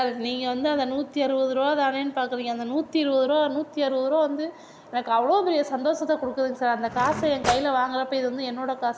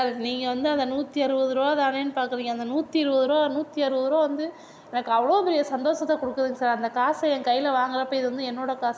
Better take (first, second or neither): second